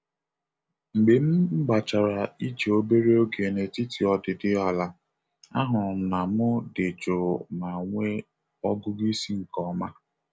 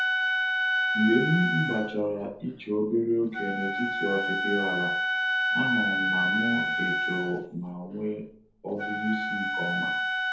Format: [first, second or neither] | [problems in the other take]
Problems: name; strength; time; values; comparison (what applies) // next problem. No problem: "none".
first | background sound (Wind instrument, woodwind instrument); 1 dB above the speech // room echo; dies away in 0.5 s